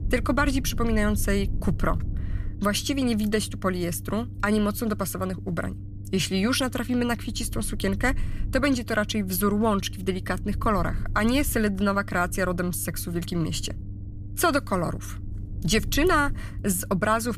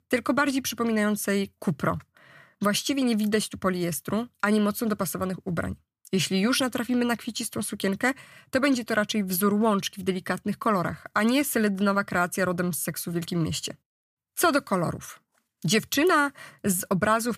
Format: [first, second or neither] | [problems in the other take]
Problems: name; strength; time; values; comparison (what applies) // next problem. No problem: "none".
second | low rumble; faint; throughout; 20 dB below the speech